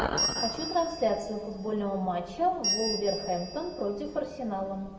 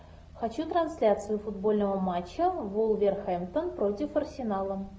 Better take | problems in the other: second | background sound (Bell); 6 dB below the speech // room echo; dies away in 1.6 s

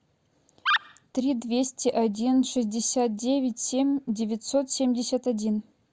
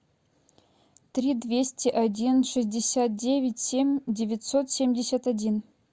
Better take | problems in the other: second | background sound (Animal); 3 dB below the speech

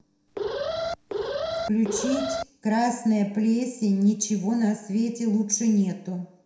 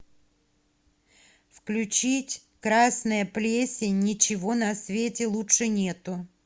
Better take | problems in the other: second | background sound (Alarm); 4 dB below the speech // room echo; dies away in 0.6 s

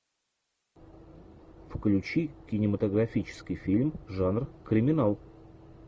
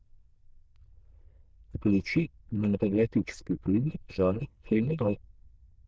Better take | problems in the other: first | noise reduction (neural diffusion model UNIVERSE++)

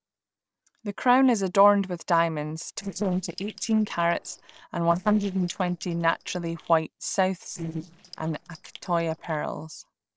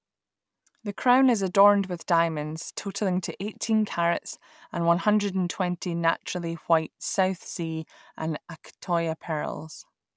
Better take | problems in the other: second | noise reduction (neural separator model SepFormer DNS4)

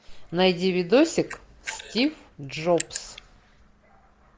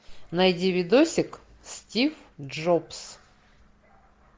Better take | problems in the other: second | background sound (Camera); 14 dB below the speech

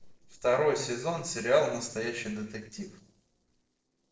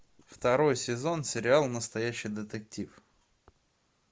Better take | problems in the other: second | noise reduction (neural separator model SepFormer DNS4)

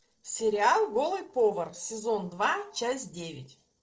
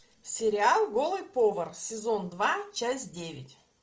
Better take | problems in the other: second | noise reduction (neural separator model SepFormer DNS4)

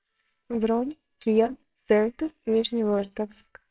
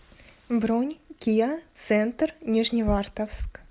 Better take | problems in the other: second | noise reduction (neural separator model SepFormer WHAMR!)

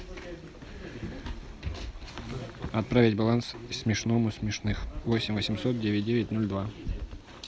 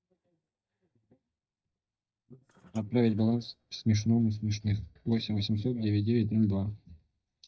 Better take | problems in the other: first | noise reduction (neural mask model DeepFilterNet 3)

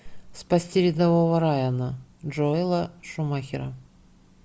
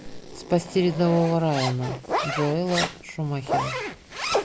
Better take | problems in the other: first | background sound (Zipper (clothing)); 5 dB below the speech

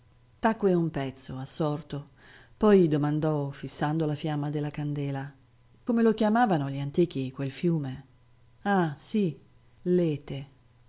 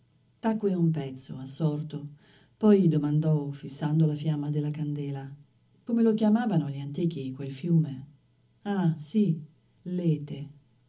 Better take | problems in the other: first | room echo; dies away in 0.4 s

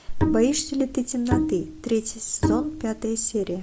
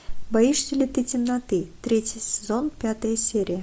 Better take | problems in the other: second | background sound (Bowed string instrument); 3 dB below the speech

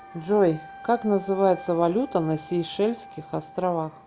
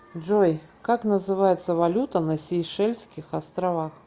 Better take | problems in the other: second | background sound (Wind instrument, woodwind instrument); 19 dB below the speech

